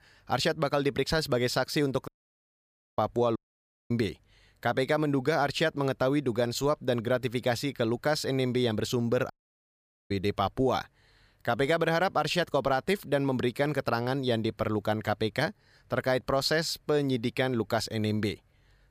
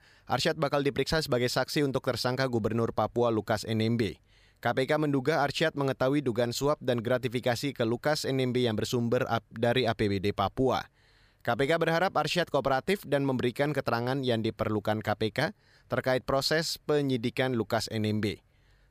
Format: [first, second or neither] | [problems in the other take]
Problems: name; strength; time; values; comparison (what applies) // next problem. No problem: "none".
second | audio cutting out; at 2 s for 1 s, at 3.5 s for 0.5 s and at 9.5 s for 1 s